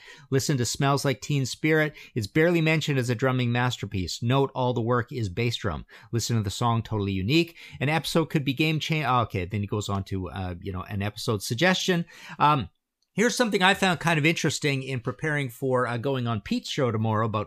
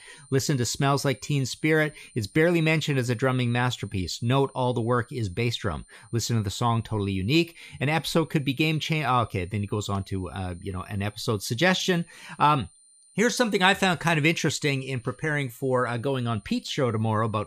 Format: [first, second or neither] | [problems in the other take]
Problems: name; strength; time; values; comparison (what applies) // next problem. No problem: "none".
first | high-pitched whine; faint; throughout; 9 kHz, 30 dB below the speech